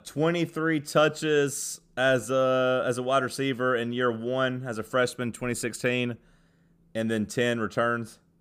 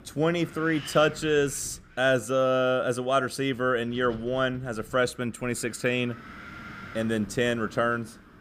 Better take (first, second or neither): first